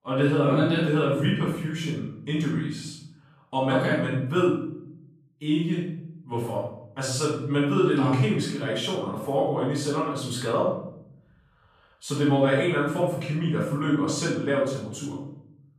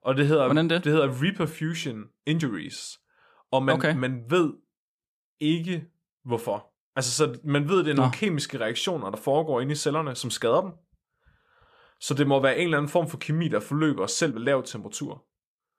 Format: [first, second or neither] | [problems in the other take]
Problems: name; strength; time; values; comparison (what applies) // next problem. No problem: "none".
second | off-mic speech; far // room echo; noticeable; dies away in 0.8 s